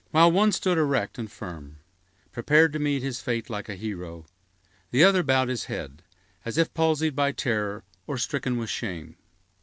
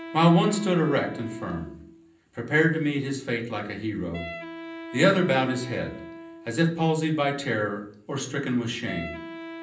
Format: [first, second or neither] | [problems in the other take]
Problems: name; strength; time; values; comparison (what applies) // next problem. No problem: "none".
first | background sound (Wind instrument, woodwind instrument); 15 dB below the speech // room echo; dies away in 0.6 s